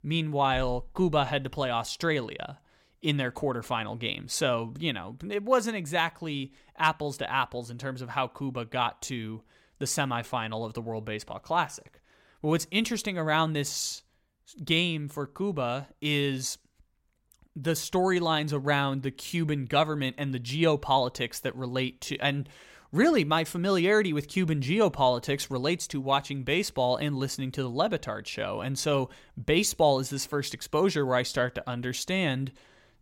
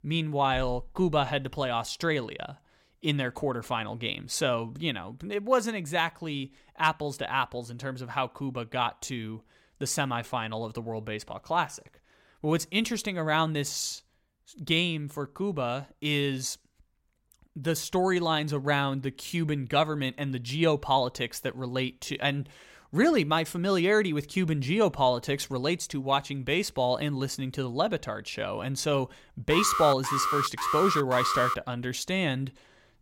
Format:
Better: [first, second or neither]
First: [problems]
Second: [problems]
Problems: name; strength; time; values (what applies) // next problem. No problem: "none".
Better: first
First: none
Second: alarm; loud; from 30 to 32 s; peak 2 dB above the speech